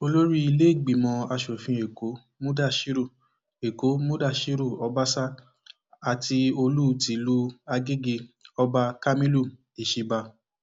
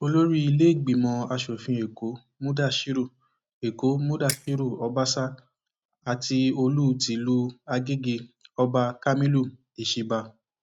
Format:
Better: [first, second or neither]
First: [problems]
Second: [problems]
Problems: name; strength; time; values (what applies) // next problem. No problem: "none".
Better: first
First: none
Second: noise reduction (neural mask model RNNoise)